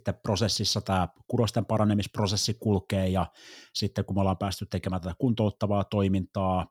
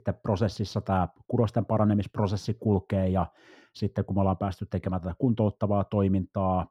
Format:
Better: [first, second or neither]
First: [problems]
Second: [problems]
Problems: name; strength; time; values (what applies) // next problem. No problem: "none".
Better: first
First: none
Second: muffled; very; fading above 2.5 kHz